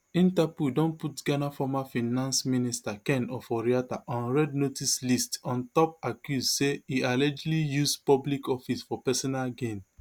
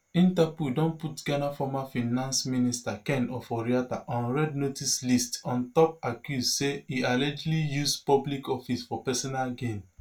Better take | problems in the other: first | room echo; dies away in 0.2 s

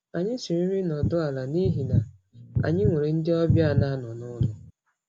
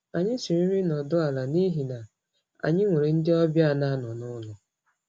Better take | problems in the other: second | background sound (Bass guitar); 1 dB below the speech

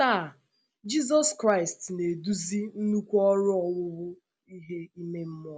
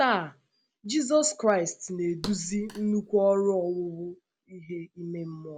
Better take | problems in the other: first | background sound (Thump, thud); 17 dB below the speech

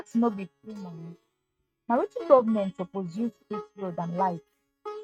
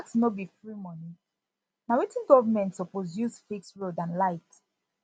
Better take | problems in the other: second | noise reduction (neural mask model RNNoise)

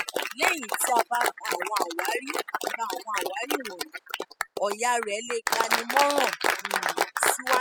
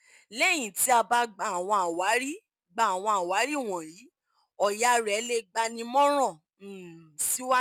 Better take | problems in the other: second | noise reduction (classical method spectral subtraction)

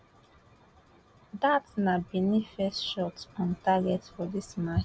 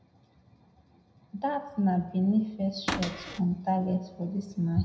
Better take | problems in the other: first | background sound (Cupboard open or close / Door); 5 dB below the speech // room echo; dies away in 0.8 s

